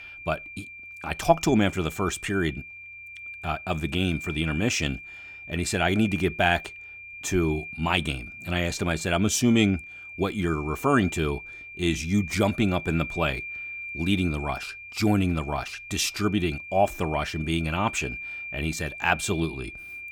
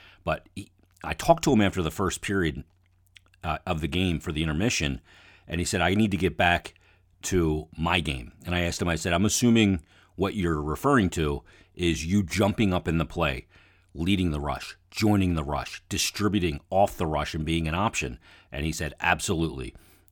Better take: second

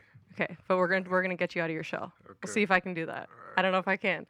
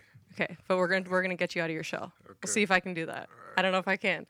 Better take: second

